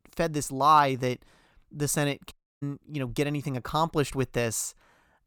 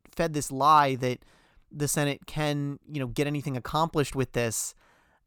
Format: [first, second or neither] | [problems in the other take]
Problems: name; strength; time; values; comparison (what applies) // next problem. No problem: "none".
second | audio cutting out; at 2.5 s